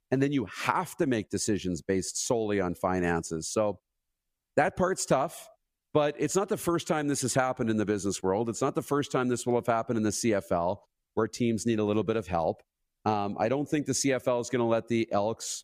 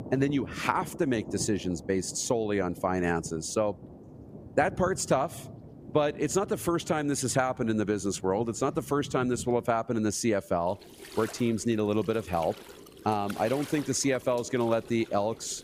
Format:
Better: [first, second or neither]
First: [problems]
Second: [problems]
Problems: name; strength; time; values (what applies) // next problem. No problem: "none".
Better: first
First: none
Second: rain or running water; noticeable; throughout; 15 dB below the speech